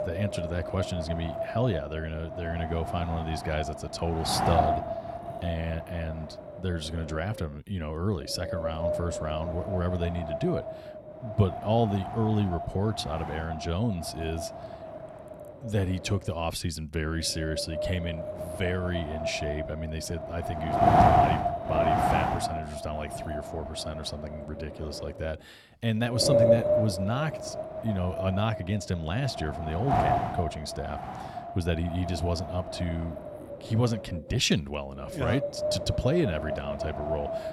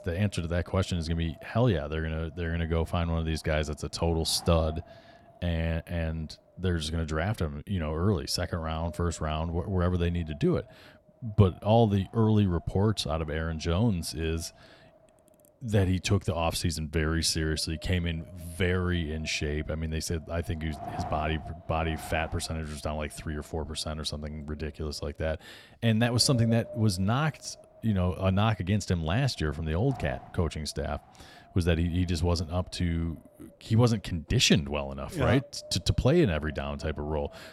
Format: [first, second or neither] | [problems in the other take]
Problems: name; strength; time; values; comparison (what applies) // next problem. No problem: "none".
second | wind noise on the microphone; heavy; 4 dB above the speech; occasional gusts in the second